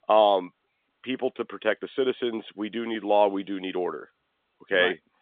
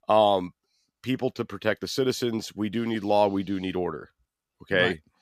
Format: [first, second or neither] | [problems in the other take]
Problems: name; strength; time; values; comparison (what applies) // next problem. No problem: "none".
second | phone-call audio; nothing above 3.5 kHz